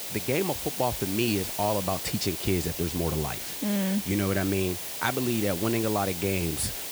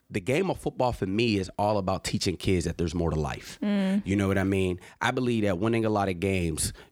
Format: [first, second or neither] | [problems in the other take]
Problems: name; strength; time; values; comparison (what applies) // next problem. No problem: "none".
second | hiss; loud; throughout; 4 dB below the speech